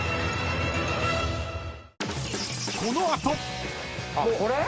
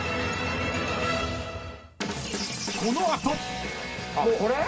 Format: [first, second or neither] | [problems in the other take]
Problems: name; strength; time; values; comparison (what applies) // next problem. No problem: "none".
first | room echo; dies away in 1.9 s